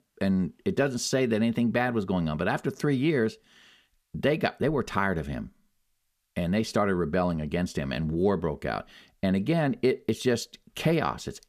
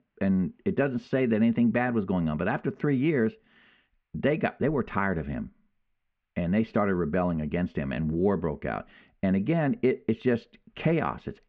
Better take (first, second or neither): first